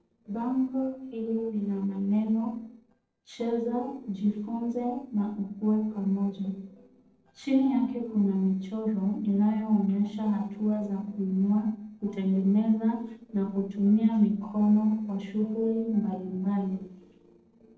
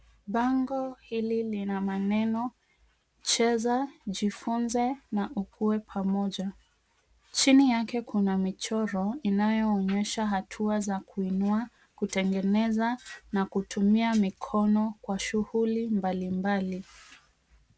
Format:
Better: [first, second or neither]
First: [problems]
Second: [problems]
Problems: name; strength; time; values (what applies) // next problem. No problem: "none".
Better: second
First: noise reduction (neural separator model SepFormer DNS4)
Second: none